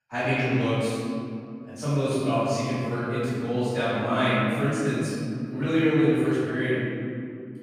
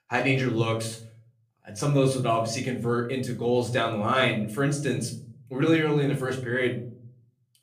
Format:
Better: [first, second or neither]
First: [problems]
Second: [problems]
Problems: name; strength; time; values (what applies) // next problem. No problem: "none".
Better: second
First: room echo; strong; dies away in 2.4 s // off-mic speech; far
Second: room echo; slight; dies away in 0.5 s // off-mic speech; somewhat distant